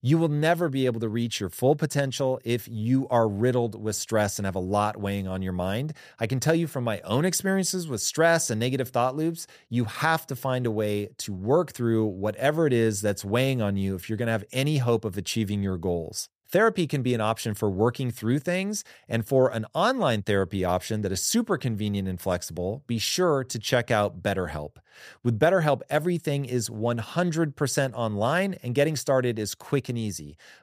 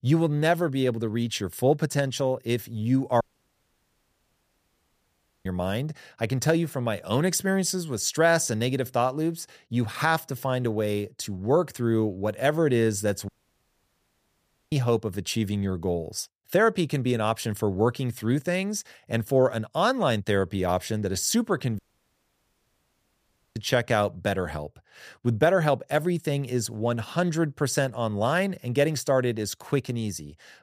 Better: first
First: none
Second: audio cutting out; at 3 s for 2 s, at 13 s for 1.5 s and at 22 s for 2 s

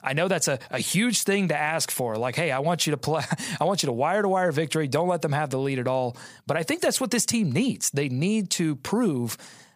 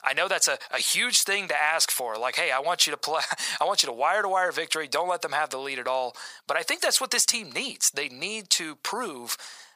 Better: first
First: none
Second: thin; very; fading below 750 Hz

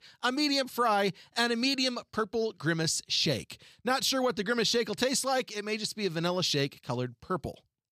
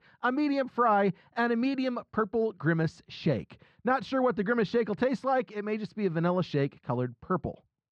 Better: first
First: none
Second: muffled; very; fading above 1.5 kHz

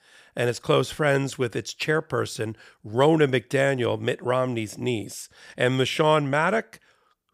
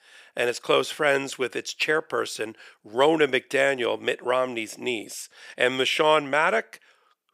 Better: first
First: none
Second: thin; somewhat; fading below 350 Hz

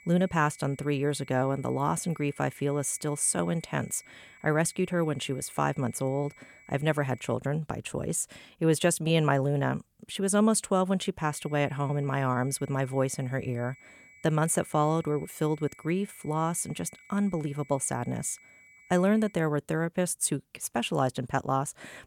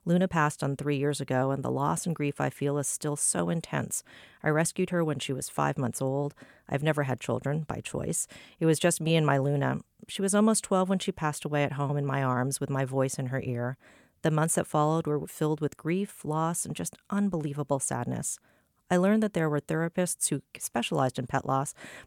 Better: second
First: high-pitched whine; faint; until 7.5 s and from 11 to 19 s; 2.5 kHz, 25 dB below the speech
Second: none

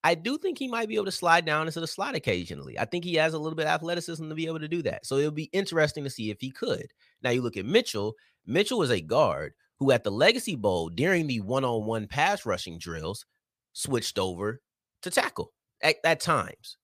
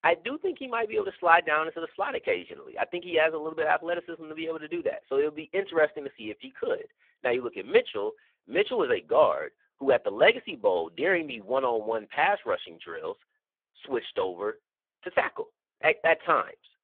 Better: first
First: none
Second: phone-call audio; poor line

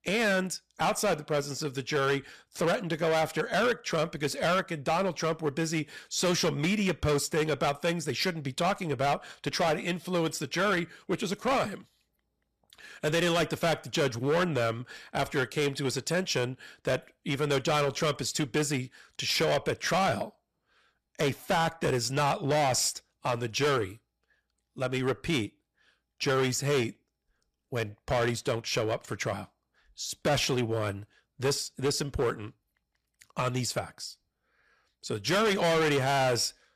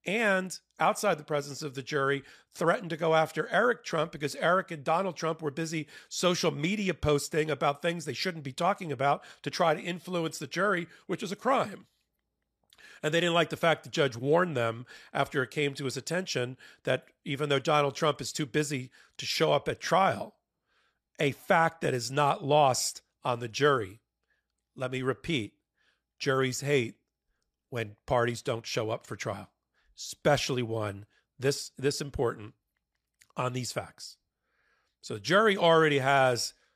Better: second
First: distortion; heavy; 11% of the sound clipped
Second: none

